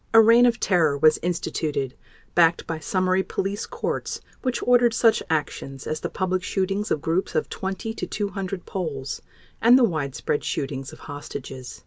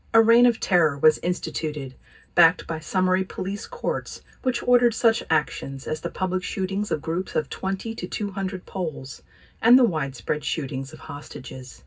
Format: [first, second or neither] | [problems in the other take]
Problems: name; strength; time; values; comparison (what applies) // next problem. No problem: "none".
first | room echo; dies away in 0.4 s